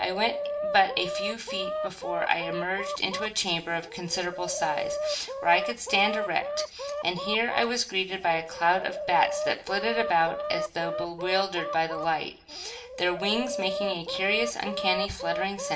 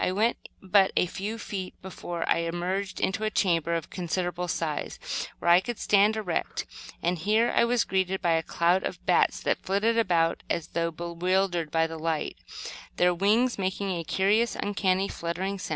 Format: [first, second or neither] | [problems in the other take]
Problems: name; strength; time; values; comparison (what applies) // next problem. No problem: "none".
second | background sound (Chicken, rooster); 5 dB below the speech // room echo; dies away in 0.9 s